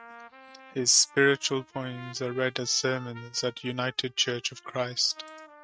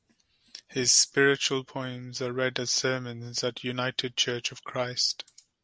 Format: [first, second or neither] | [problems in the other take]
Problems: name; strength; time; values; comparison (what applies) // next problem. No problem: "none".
second | noise reduction (neural mask model RNNoise)